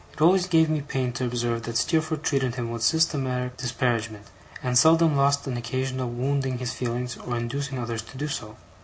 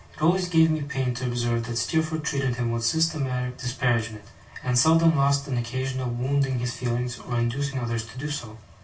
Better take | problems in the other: first | room echo; dies away in 0.2 s

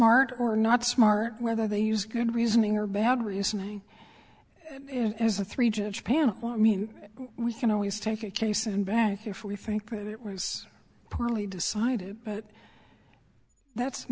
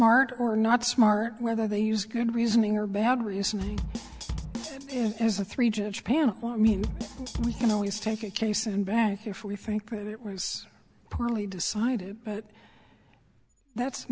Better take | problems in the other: first | background sound (Bass drum / Snare drum); 9 dB below the speech

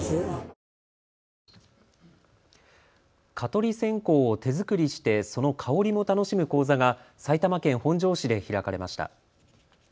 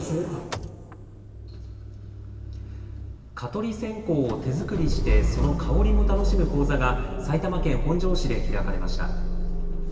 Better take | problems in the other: first | background sound (Idling / Engine starting / Motor vehicle (road)); 3 dB above the speech // room echo; dies away in 2.3 s

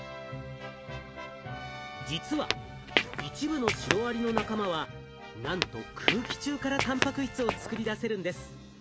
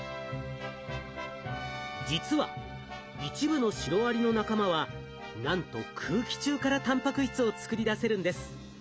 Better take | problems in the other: second | background sound (Squeak / Walk, footsteps); as loud as the speech

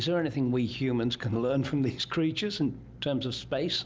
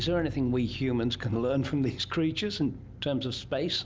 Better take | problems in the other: first | background sound (Bass guitar); 15 dB below the speech

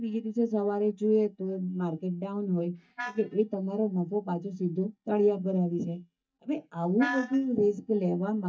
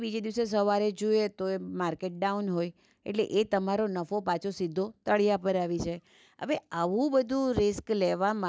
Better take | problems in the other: second | noise reduction (neural mask model DeepFilterNet 3)

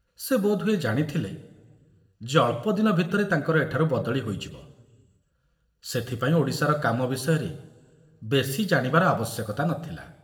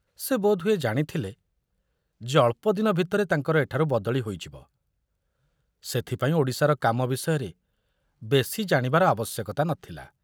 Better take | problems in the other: second | room echo; dies away in 0.9 s

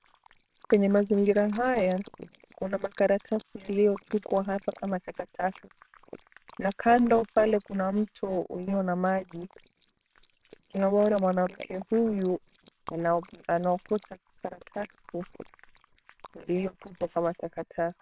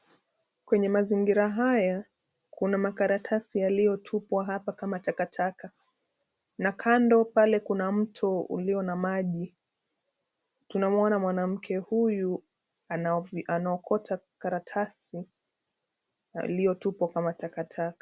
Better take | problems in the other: second | noise reduction (neural separator model SepFormer WHAMR!)

